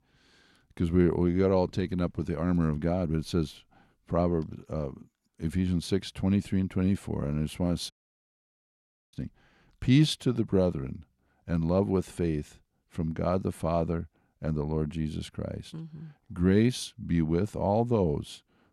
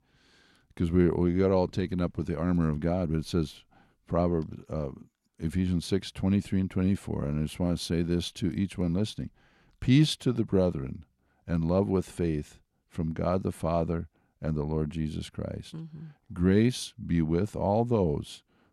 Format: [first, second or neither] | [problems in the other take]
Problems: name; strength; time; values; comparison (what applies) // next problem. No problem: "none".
second | audio cutting out; at 8 s for 1 s